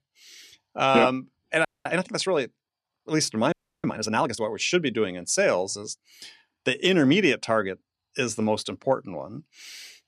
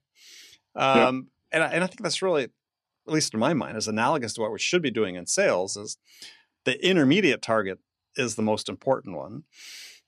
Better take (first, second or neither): second